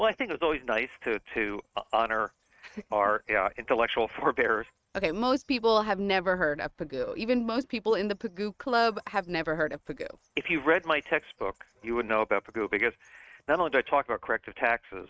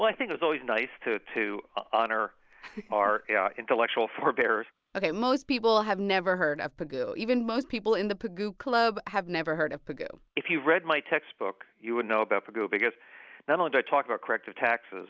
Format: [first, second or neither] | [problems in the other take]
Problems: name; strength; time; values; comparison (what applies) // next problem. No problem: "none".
second | noise reduction (neural mask model RNNoise)